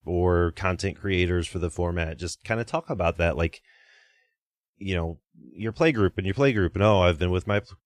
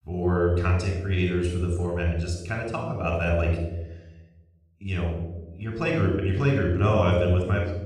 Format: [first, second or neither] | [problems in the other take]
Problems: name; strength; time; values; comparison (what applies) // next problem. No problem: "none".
first | off-mic speech; somewhat distant // room echo; noticeable; dies away in 0.9 s